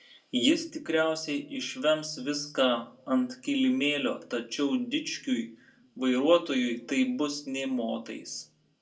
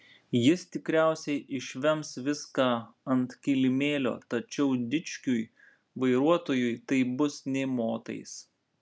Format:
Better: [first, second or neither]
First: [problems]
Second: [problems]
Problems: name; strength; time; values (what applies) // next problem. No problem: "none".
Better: second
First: room echo; dies away in 0.2 s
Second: none